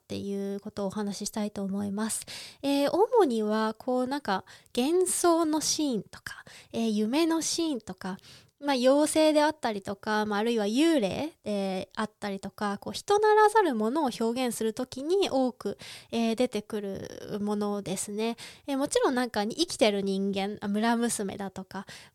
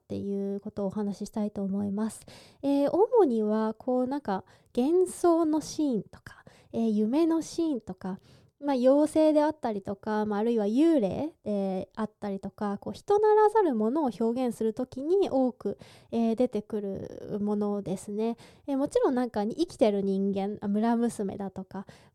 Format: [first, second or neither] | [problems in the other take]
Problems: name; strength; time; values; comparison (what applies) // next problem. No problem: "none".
first | muffled; slightly; fading above 1 kHz